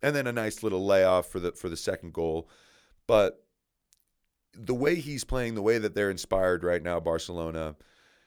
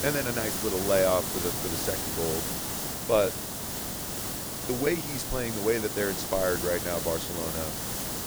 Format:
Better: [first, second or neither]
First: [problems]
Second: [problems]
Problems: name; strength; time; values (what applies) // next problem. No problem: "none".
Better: first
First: none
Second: hiss; loud; throughout; 1 dB below the speech